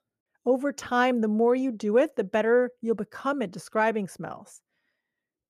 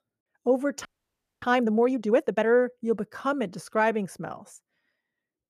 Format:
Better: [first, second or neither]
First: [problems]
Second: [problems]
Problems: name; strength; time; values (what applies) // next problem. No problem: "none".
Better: first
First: none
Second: audio freezing; at 1 s for 0.5 s